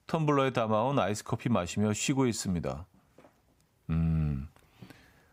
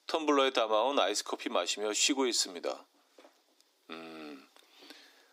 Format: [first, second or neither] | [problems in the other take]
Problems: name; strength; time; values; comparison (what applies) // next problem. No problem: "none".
first | thin; somewhat; fading below 300 Hz